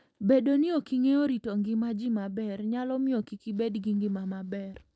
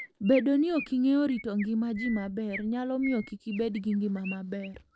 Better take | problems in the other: first | background sound (Chirp, tweet); 17 dB below the speech

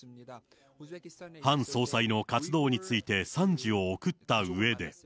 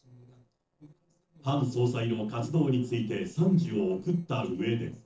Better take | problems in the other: first | noise reduction (neural separator model SepFormer DNS4)

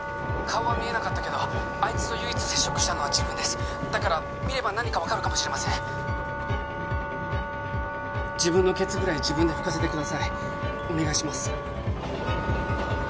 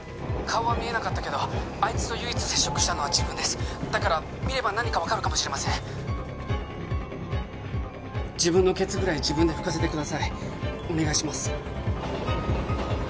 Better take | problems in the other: second | background sound (Wind instrument, woodwind instrument); 6 dB below the speech

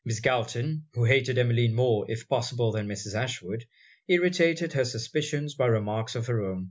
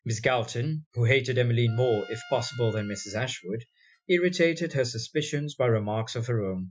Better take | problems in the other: first | noise reduction (classical method Wiener filter)

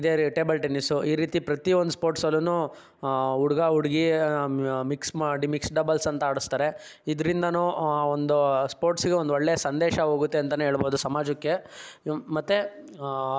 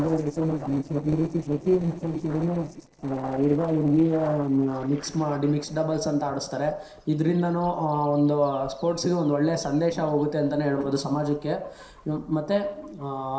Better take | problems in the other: first | noise reduction (neural separator model SepFormer DNS4)

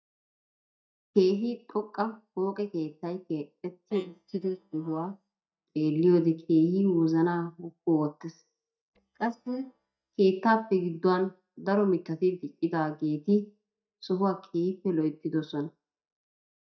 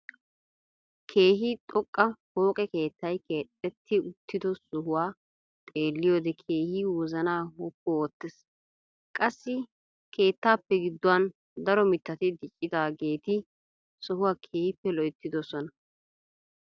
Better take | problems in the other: second | noise reduction (neural mask model DeepFilterNet 3)

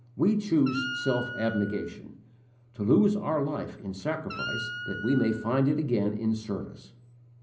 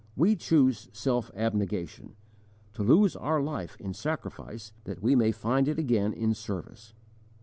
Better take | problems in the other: second | background sound (Wind instrument, woodwind instrument); 9 dB below the speech // room echo; dies away in 0.5 s

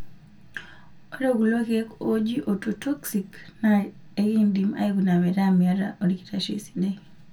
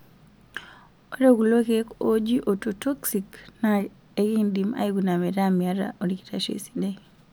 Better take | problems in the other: second | room echo; dies away in 0.2 s

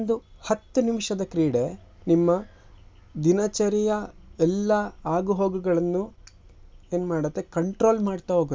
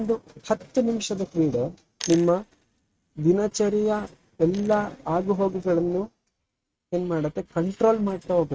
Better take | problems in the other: first | noise reduction (neural mask model RNNoise)

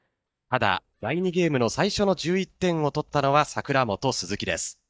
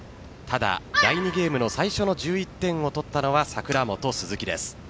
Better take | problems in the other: second | noise reduction (neural mask model DeepFilterNet 3)

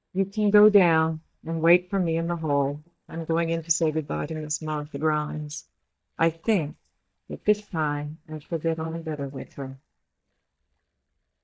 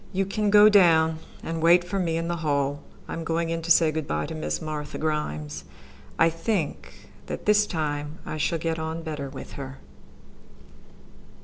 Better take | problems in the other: second | noise reduction (neural mask model DeepFilterNet 3)

